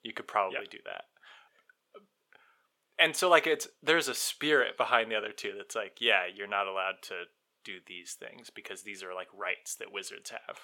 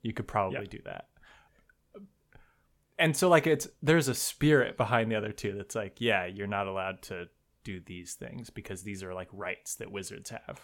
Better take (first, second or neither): second